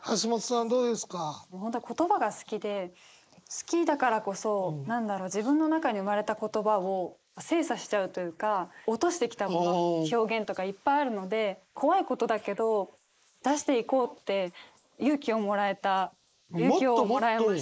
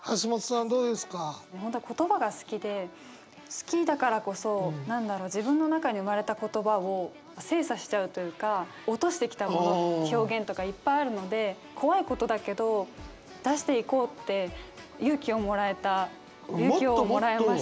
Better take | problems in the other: second | noise reduction (neural mask model Resemble Enhance denoiser)

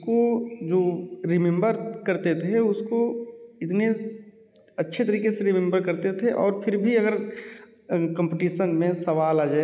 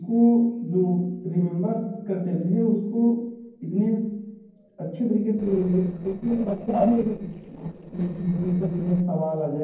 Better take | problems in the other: first | noise reduction (neural separator model SepFormer DNS4)

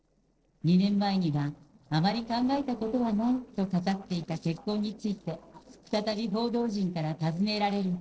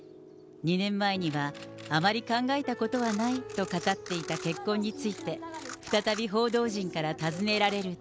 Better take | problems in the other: second | noise reduction (neural separator model SepFormer DNS4)

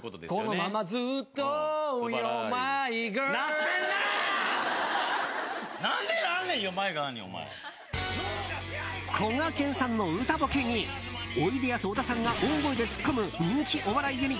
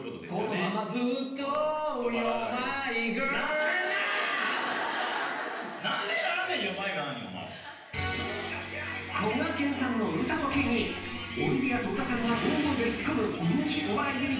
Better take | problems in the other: first | background sound (Splash, splatter); 16 dB below the speech // room echo; dies away in 0.9 s

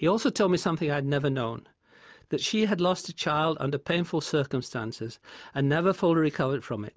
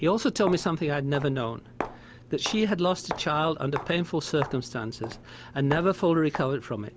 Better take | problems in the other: first | background sound (Walk, footsteps); 13 dB below the speech

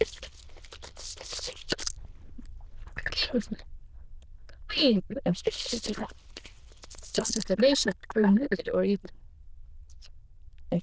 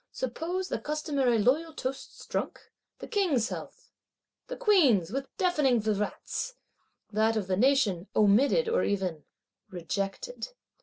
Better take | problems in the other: second | noise reduction (neural diffusion model UNIVERSE++)

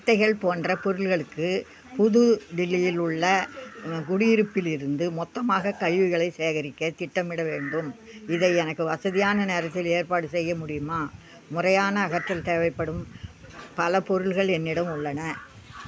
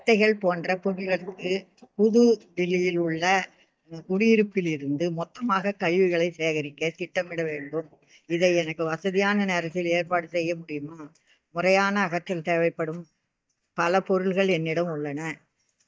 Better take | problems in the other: first | noise reduction (neural mask model DeepFilterNet 3)

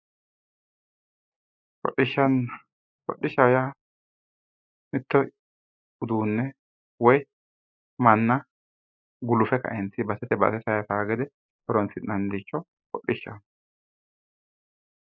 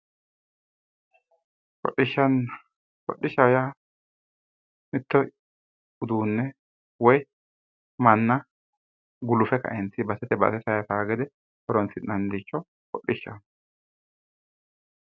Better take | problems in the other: second | noise reduction (neural mask model Resemble Enhance denoiser)

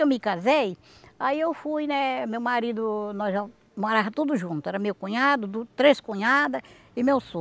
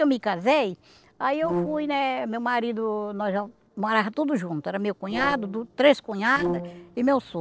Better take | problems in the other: first | noise reduction (neural separator model SepFormer DNS4)

